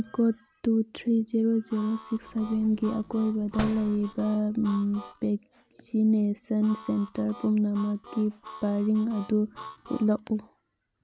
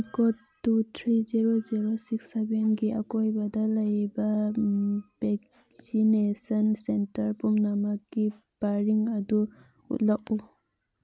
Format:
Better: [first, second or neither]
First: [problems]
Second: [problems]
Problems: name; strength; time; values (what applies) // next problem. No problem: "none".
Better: second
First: background sound (Harmonica + Slam); 16 dB below the speech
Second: none